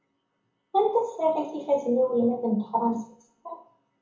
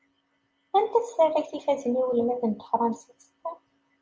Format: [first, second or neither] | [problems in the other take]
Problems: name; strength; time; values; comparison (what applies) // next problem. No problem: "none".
second | room echo; dies away in 0.7 s